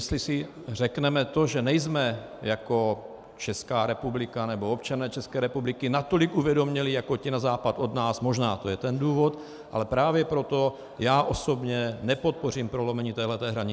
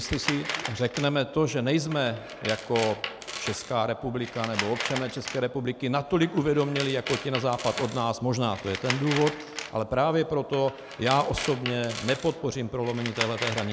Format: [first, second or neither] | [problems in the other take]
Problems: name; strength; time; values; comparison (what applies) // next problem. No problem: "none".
first | background sound (Tools); 9 dB below the speech